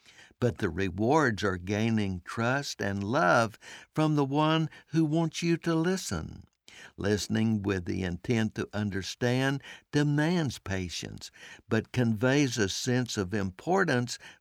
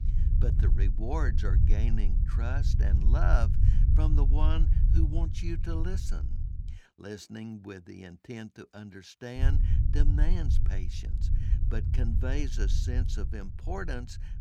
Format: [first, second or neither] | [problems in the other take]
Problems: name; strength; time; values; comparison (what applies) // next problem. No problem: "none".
first | low rumble; loud; until 7 s and from 9.5 s on; 5 dB below the speech